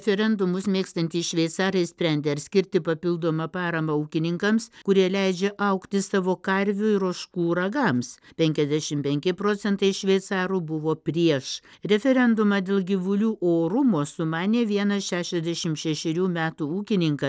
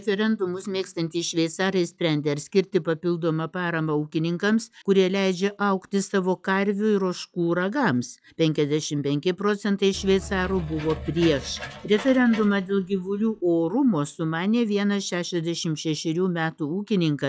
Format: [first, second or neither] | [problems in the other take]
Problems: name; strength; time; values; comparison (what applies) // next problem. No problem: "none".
first | noise reduction (classical method log-MMSE)